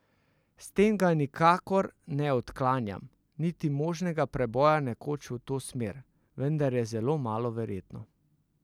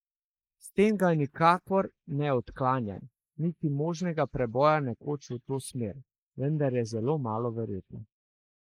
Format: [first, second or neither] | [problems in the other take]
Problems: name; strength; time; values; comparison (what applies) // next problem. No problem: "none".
first | noise reduction (neural mask model Resemble Enhance denoiser)